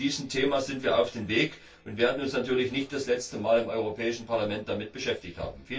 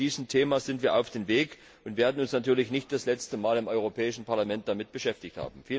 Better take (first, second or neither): second